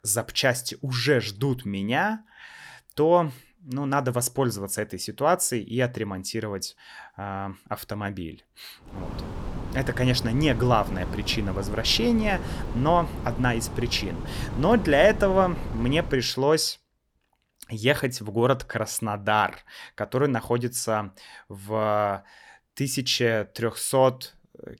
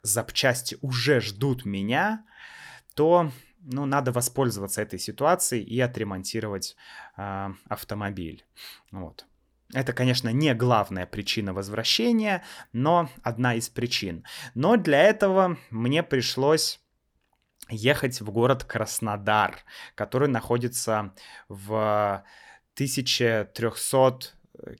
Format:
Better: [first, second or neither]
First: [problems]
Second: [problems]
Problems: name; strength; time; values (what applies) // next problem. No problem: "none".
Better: second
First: wind noise on the microphone; occasional gusts; from 9 to 16 s; 15 dB below the speech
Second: none